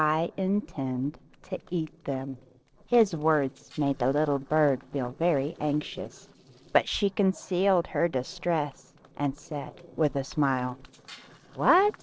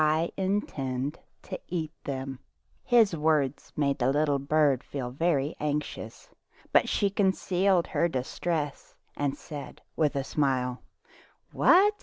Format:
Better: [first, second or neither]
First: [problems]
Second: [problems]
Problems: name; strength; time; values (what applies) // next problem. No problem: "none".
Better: second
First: noise reduction (neural separator model SepFormer DNS4)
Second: none